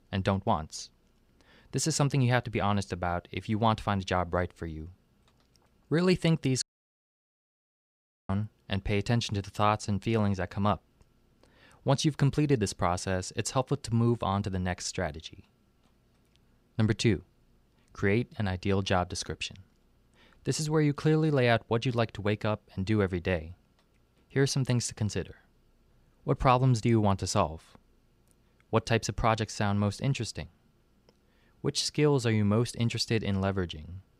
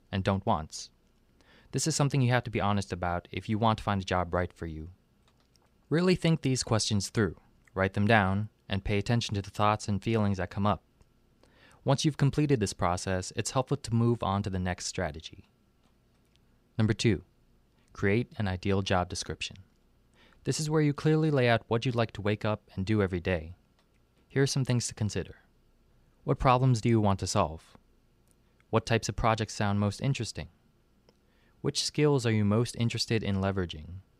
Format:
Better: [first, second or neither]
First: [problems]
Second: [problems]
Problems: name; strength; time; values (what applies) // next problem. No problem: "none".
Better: second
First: audio cutting out; at 6.5 s for 1.5 s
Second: none